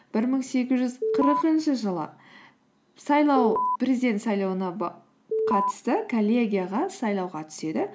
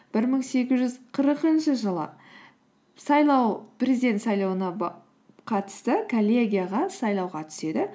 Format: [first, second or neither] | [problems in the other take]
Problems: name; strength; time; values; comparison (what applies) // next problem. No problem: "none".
second | background sound (Alarm); 2 dB above the speech